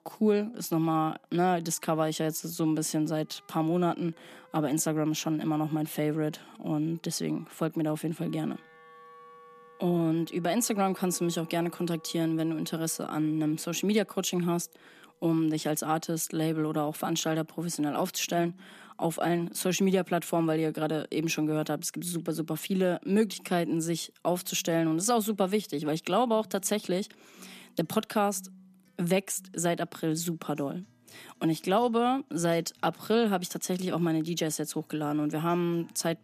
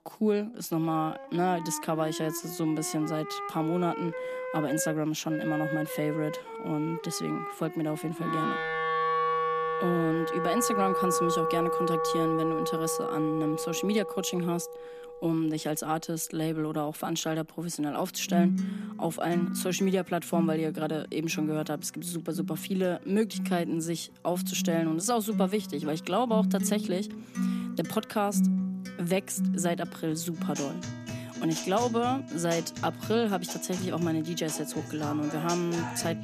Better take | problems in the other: first | background music; loud; throughout; 3 dB below the speech; faint in the first

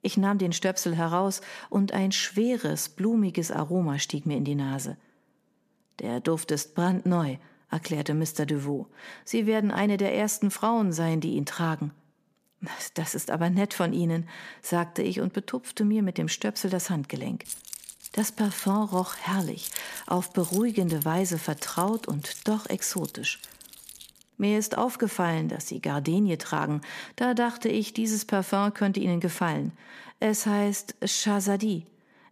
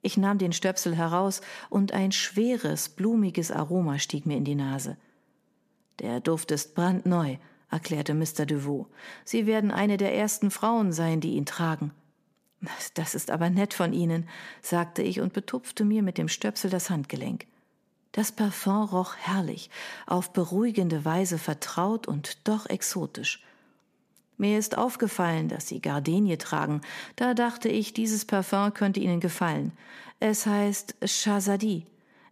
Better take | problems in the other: second | jangling keys; noticeable; from 17 to 24 s; peak 6 dB below the speech

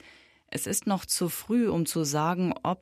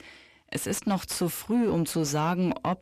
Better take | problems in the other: first | distortion; slight; 10 dB below the speech

